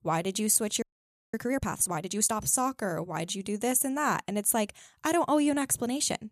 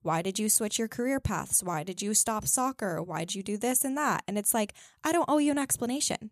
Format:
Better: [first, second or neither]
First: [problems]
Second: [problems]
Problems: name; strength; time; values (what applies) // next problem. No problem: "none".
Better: second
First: audio freezing; at 1 s for 0.5 s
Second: none